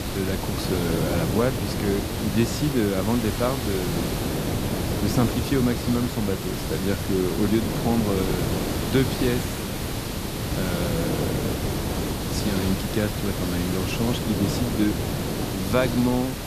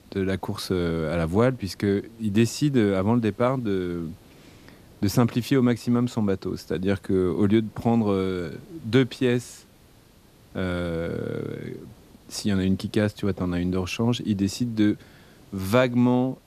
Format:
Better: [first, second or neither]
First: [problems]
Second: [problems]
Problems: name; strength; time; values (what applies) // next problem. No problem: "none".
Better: second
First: hiss; loud; throughout; 1 dB below the speech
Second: hiss; faint; throughout; 30 dB below the speech